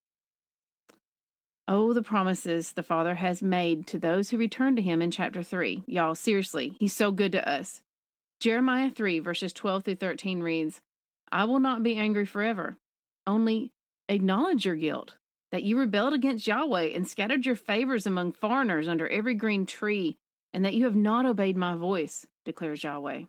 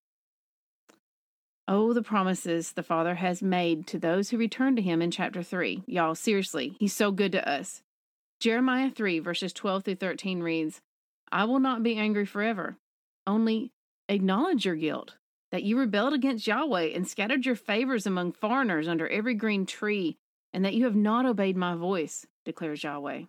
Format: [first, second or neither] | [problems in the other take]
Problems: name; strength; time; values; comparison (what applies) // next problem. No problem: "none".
second | garbled, watery; slightly